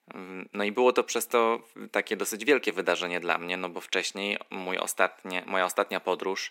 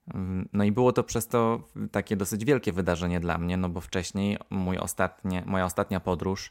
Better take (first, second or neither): second